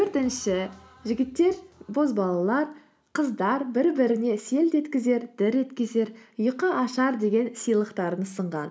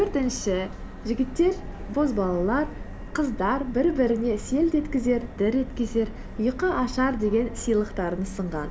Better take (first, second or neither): first